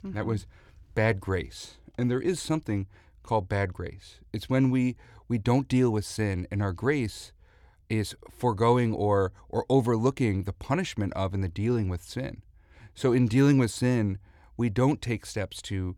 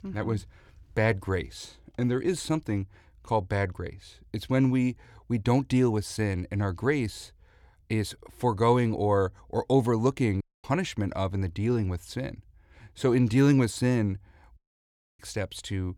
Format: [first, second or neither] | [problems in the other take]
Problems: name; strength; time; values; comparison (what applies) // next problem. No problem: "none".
first | audio cutting out; at 10 s and at 15 s for 0.5 s